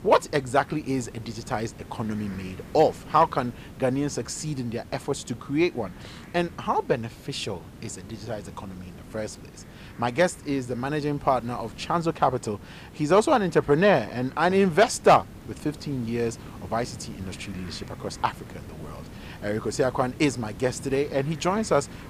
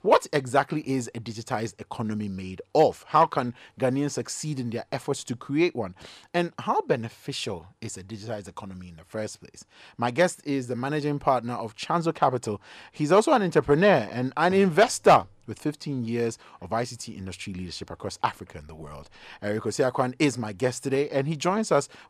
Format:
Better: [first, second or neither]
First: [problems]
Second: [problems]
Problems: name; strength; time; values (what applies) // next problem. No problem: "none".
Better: second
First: hiss; noticeable; throughout; 20 dB below the speech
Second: none